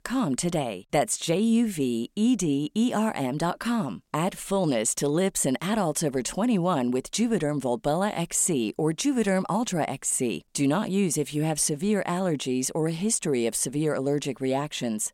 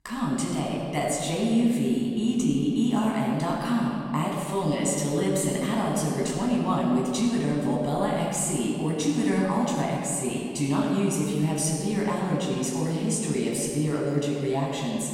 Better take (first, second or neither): first